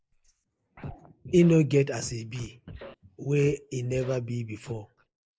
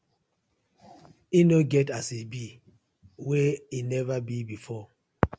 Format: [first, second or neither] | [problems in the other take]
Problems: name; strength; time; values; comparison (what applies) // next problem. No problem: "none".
second | noise reduction (neural mask model Resemble Enhance denoiser)